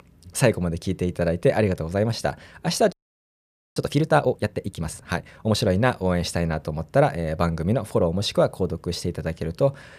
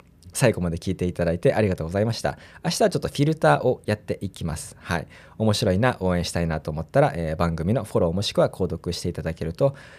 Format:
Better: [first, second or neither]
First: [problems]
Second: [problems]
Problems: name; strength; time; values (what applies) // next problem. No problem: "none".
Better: second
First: audio freezing; at 3 s for 1 s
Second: none